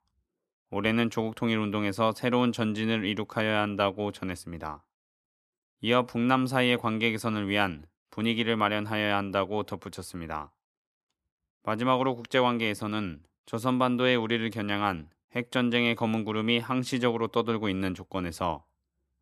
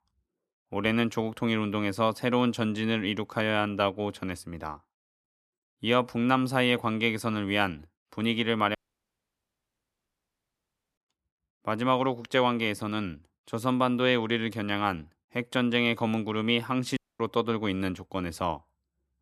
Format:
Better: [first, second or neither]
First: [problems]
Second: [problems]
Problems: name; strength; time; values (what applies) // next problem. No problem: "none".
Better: first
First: none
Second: audio cutting out; at 9 s for 2 s and at 17 s